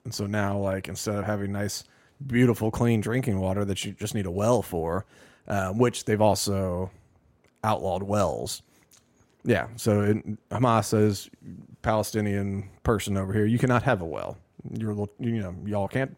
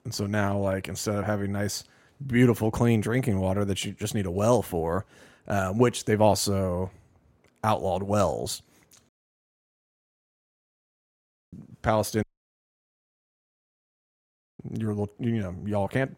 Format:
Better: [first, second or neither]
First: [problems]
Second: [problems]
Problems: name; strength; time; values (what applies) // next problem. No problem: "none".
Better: first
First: none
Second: audio cutting out; at 9 s for 2.5 s and at 12 s for 2.5 s